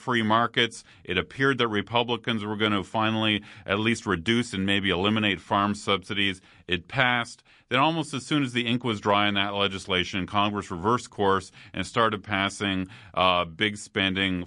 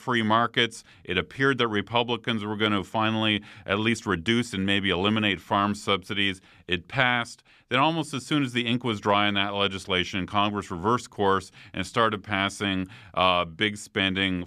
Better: second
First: garbled, watery; slightly; nothing above 10 kHz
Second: none

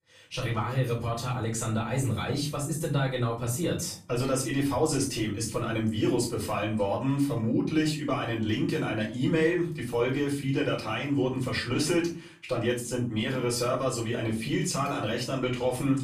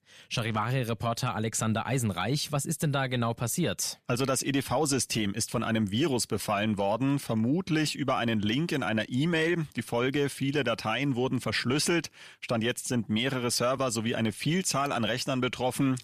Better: second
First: off-mic speech; far // room echo; slight; dies away in 0.4 s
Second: none

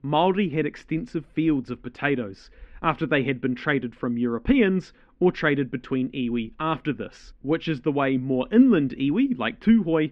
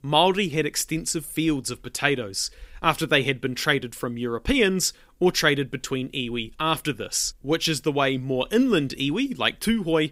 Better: second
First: muffled; very; fading above 2.5 kHz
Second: none

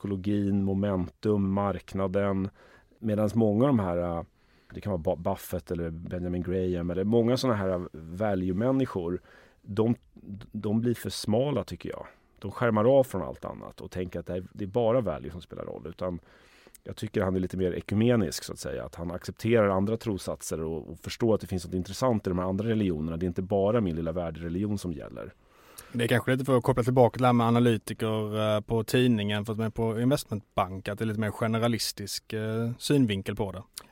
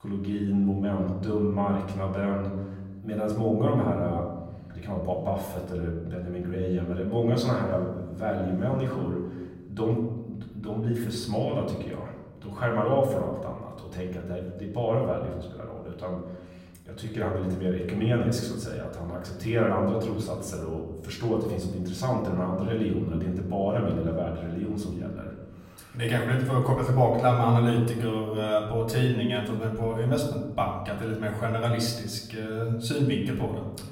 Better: first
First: none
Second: off-mic speech; far // room echo; slight; dies away in 1.1 s

